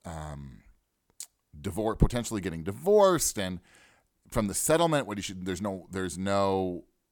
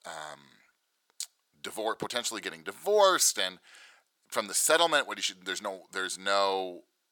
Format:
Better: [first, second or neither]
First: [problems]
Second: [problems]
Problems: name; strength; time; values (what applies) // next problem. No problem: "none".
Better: first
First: none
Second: thin; very; fading below 550 Hz